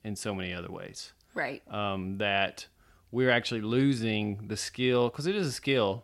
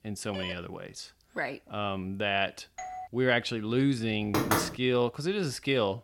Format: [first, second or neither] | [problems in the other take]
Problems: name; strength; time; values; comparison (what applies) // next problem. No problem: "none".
first | phone ringing; noticeable; at 0.5 s; peak 10 dB below the speech // doorbell; faint; at 3 s; peak 10 dB below the speech // door banging; loud; at 4.5 s; peak 3 dB above the speech